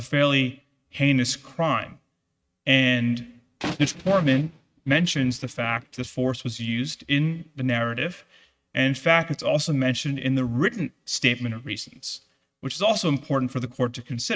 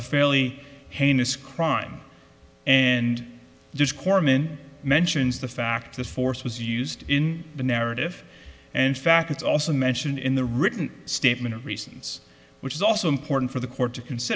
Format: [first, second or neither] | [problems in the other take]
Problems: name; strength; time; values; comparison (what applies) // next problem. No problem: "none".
second | noise reduction (neural mask model RNNoise)